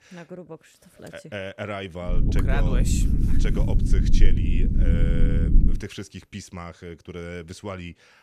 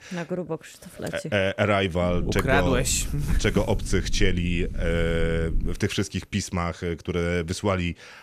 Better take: second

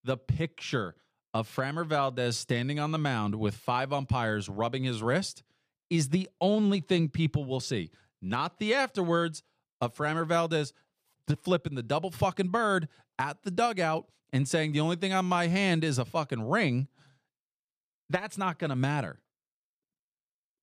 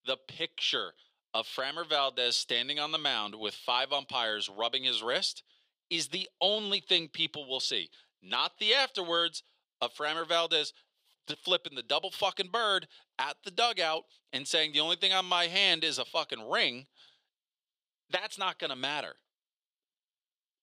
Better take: first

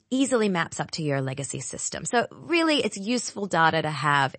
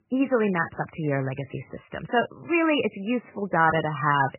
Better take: first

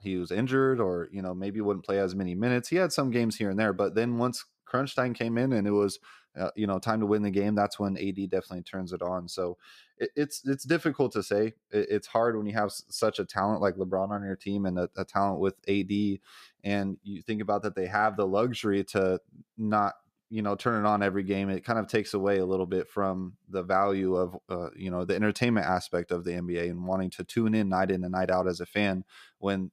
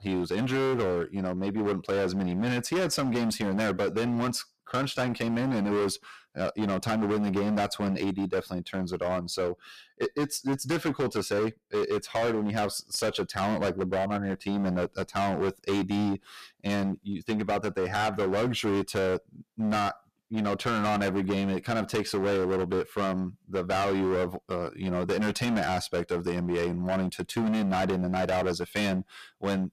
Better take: first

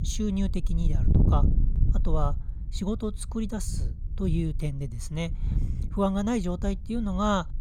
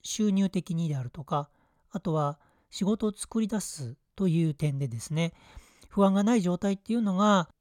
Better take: second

